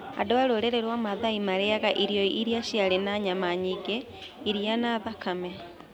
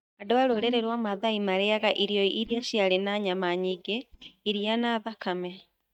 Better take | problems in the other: first | noise reduction (neural mask model DeepFilterNet 3)

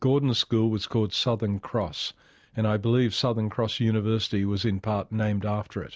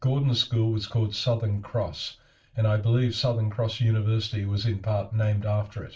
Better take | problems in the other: first | room echo; dies away in 0.2 s

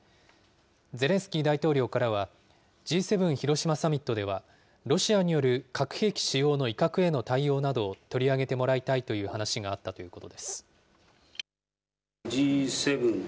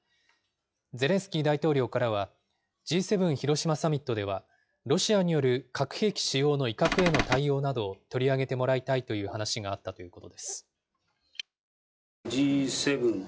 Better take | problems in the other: first | noise reduction (classical method log-MMSE)

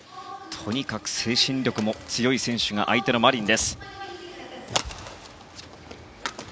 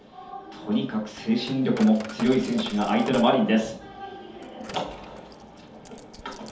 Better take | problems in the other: first | background sound (Coin (dropping)); 19 dB below the speech // room echo; dies away in 0.6 s

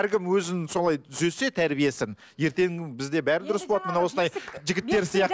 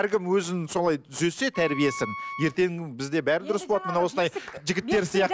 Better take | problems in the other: first | background sound (Wind instrument, woodwind instrument); 12 dB below the speech

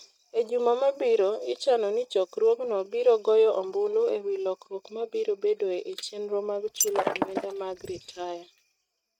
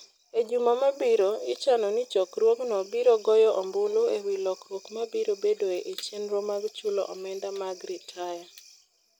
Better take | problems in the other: second | noise reduction (neural mask model RNNoise)

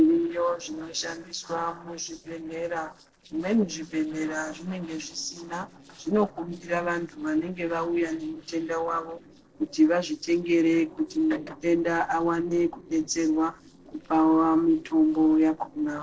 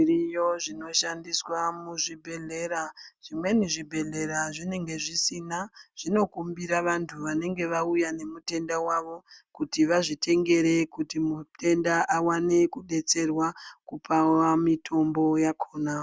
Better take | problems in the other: second | noise reduction (neural separator model SepFormer DNS4)

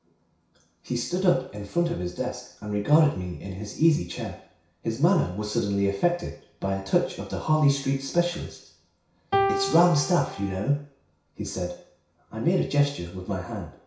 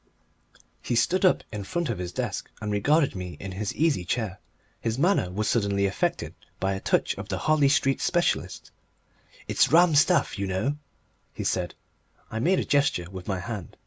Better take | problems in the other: second | background sound (Piano); 2 dB below the speech // room echo; dies away in 0.6 s

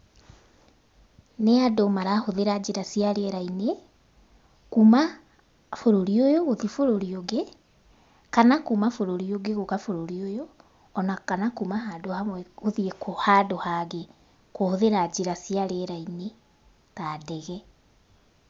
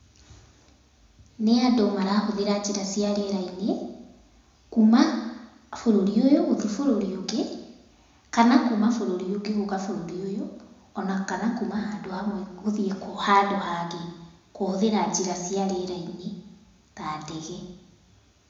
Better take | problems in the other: first | room echo; dies away in 0.9 s

